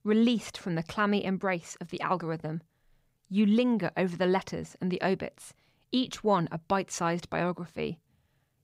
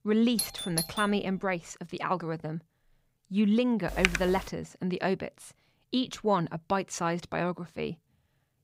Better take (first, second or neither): first